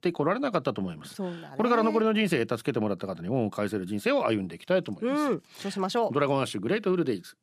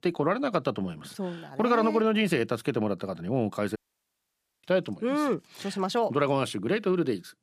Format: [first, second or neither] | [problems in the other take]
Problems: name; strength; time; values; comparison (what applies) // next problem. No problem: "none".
first | audio cutting out; at 4 s for 1 s